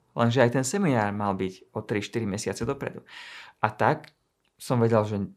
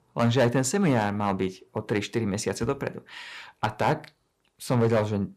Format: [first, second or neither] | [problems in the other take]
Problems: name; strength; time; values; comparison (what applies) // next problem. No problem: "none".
first | distortion; slight; 3% of the sound clipped